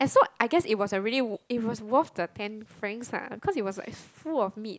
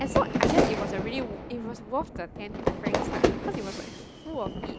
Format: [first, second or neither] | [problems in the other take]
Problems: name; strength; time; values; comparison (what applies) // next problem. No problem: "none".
first | background sound (Fire / Fireworks); 5 dB above the speech